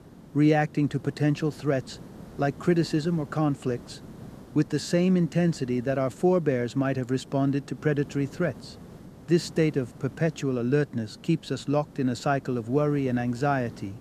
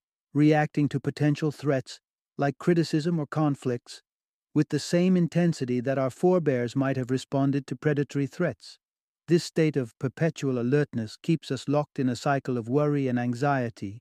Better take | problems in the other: second | hiss; noticeable; throughout; 20 dB below the speech

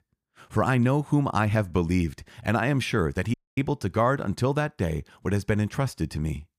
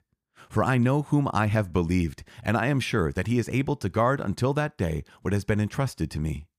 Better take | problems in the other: second | audio cutting out; at 3.5 s

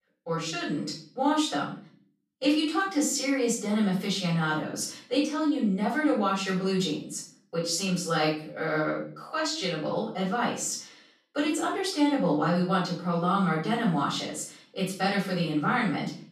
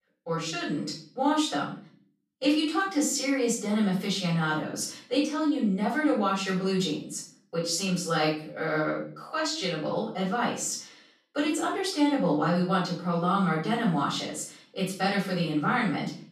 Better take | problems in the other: neither | off-mic speech; far; the same in both // room echo; noticeable; dies away in 0.4 s; the same in both

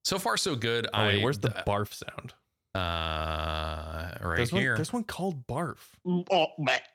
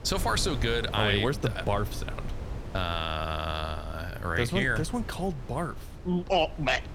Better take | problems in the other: first | wind noise on the microphone; occasional gusts; 15 dB below the speech

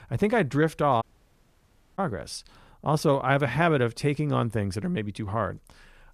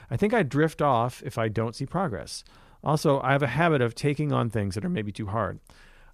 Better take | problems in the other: second | audio cutting out; at 1 s for 1 s

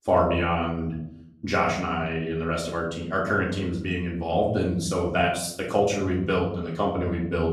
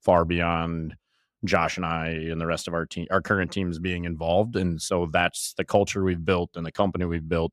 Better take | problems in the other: second | room echo; slight; dies away in 0.6 s // off-mic speech; far

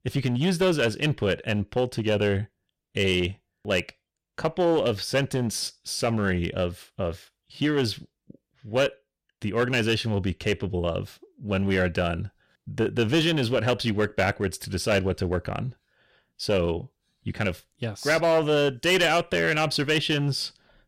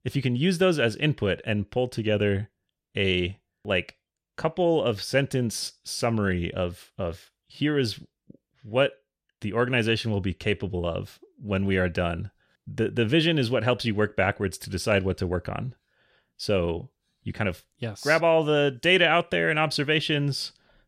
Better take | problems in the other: second | distortion; slight; 6% of the sound clipped

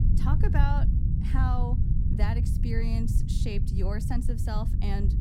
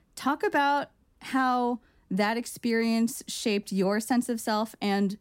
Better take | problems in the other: second | low rumble; loud; throughout; 5 dB below the speech

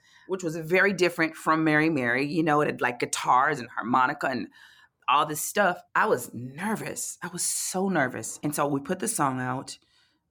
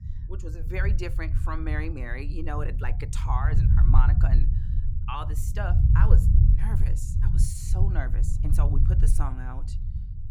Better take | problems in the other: first | low rumble; loud; throughout; 5 dB below the speech

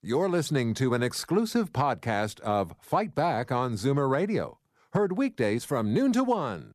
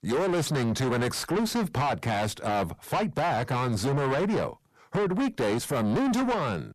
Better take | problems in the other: first | distortion; heavy; 6 dB below the speech

